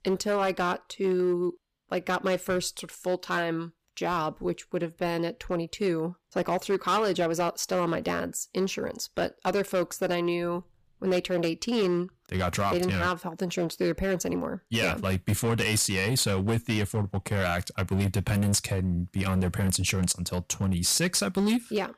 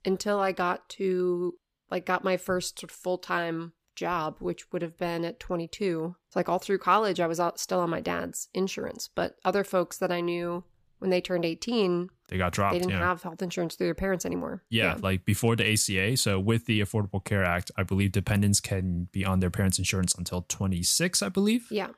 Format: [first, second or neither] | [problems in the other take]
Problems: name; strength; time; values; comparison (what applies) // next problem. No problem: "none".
second | distortion; slight; 7% of the sound clipped